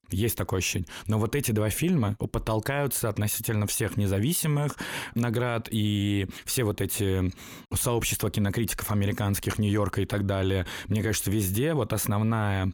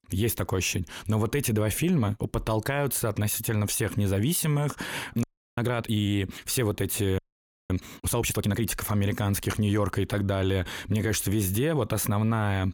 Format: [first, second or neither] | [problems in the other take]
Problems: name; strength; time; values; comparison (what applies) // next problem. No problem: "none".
first | audio freezing; at 5 s and at 7 s for 0.5 s